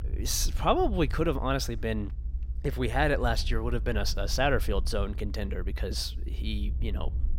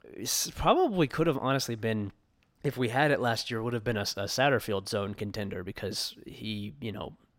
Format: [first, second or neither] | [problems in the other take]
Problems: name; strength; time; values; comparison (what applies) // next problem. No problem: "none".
second | low rumble; faint; throughout; 25 dB below the speech